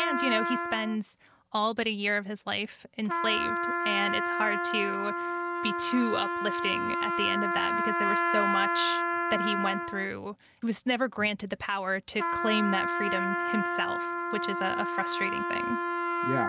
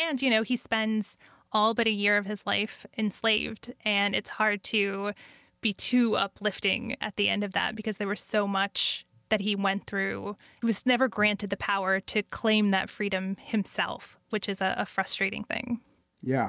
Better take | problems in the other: second | background sound (Trumpet); 1 dB above the speech

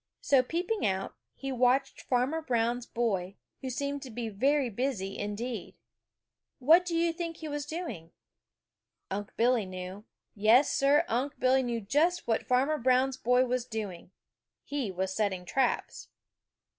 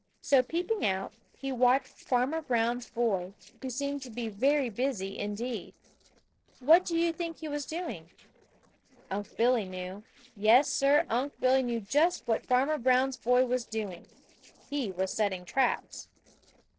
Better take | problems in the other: first | noise reduction (neural separator model SepFormer DNS4)

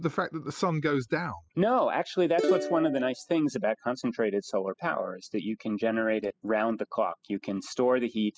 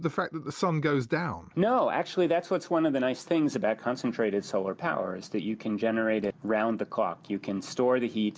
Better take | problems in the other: second | noise reduction (classical method spectral subtraction)

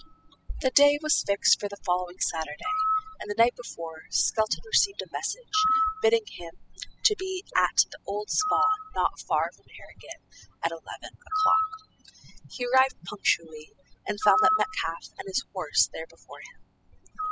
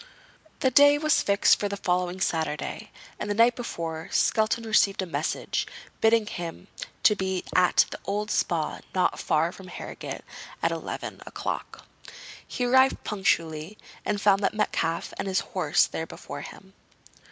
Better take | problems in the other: second | noise reduction (classical method spectral subtraction)

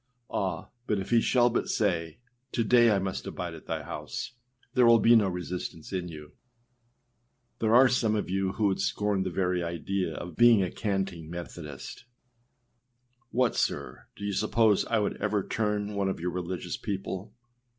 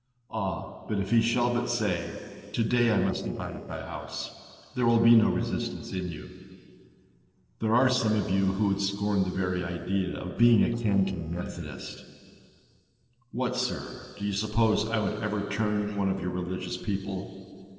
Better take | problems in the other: first | noise reduction (neural separator model SepFormer DNS4)

